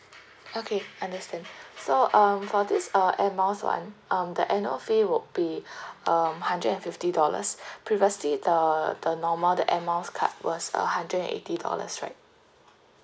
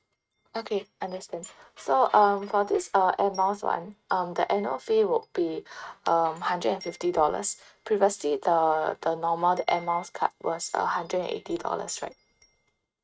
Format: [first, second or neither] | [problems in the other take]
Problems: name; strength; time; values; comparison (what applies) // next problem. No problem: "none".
first | noise reduction (neural mask model RNNoise)